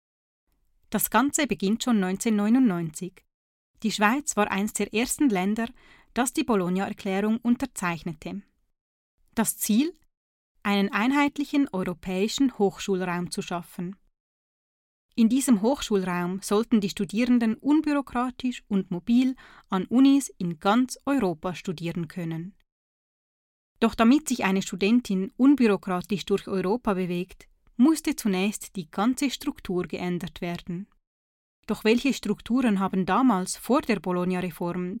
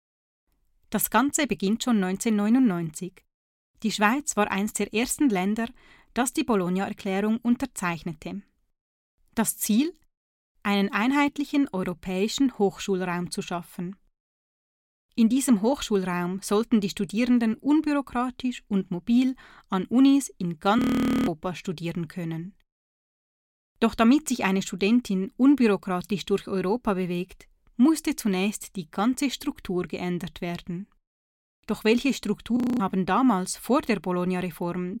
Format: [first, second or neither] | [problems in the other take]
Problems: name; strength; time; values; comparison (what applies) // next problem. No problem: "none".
first | audio freezing; at 21 s and at 33 s